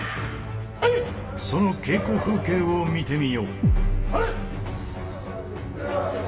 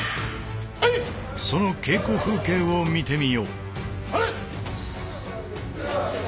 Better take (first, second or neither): second